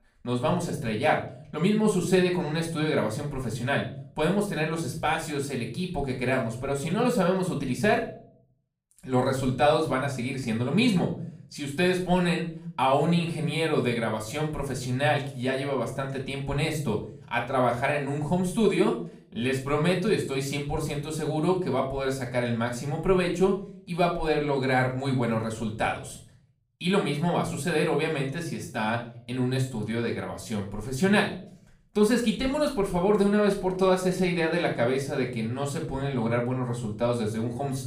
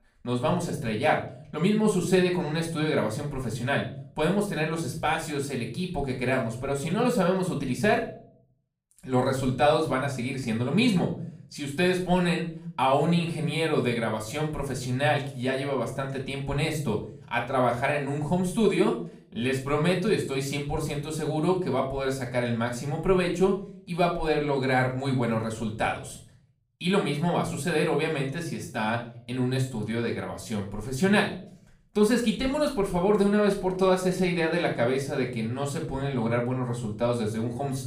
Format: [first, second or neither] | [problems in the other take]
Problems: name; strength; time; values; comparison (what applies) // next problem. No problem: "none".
neither | off-mic speech; far; the same in both // room echo; slight; dies away in 0.4 s; the same in both